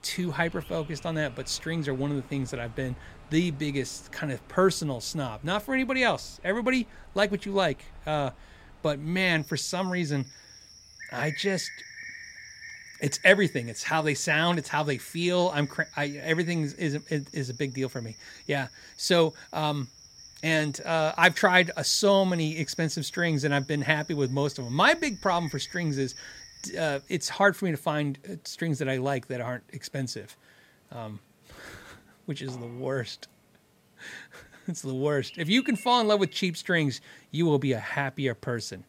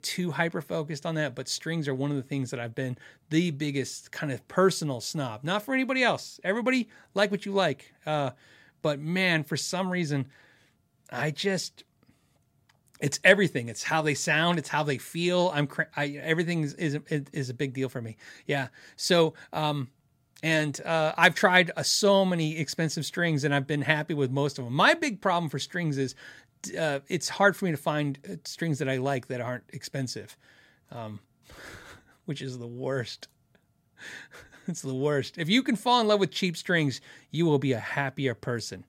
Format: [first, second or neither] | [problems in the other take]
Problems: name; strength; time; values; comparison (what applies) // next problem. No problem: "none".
second | animal sounds; noticeable; throughout; 20 dB below the speech